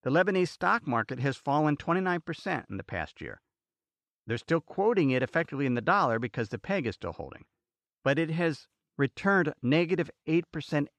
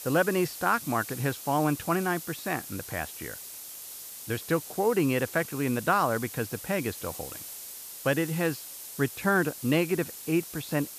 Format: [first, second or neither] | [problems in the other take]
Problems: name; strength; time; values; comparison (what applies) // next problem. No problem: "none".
first | hiss; noticeable; throughout; 10 dB below the speech